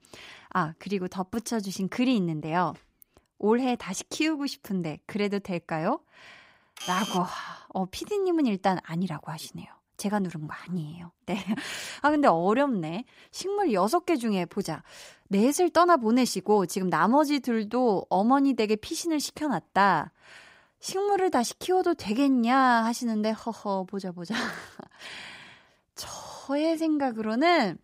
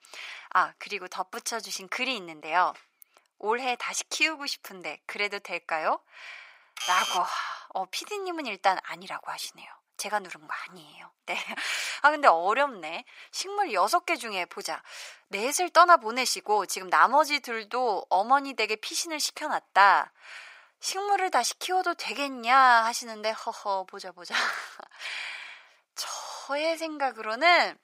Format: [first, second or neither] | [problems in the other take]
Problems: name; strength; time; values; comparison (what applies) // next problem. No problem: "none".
first | thin; very; fading below 750 Hz